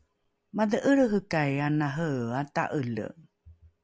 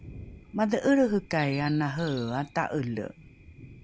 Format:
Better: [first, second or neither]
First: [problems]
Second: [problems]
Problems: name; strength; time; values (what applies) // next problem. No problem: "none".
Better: first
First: none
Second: background sound (Bird + Thunder); 19 dB below the speech